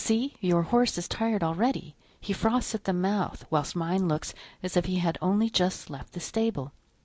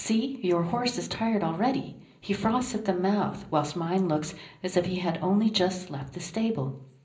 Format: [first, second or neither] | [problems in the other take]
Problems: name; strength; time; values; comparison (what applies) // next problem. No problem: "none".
first | room echo; dies away in 0.5 s